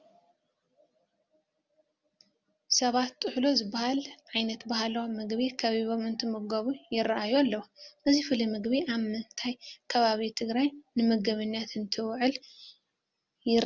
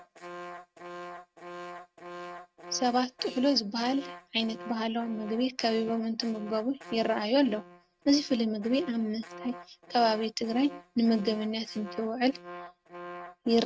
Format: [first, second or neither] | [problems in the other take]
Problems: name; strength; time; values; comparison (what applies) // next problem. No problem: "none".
first | noise reduction (neural mask model RNNoise)